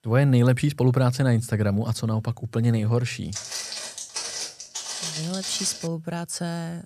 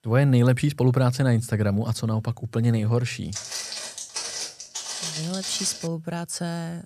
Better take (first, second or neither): neither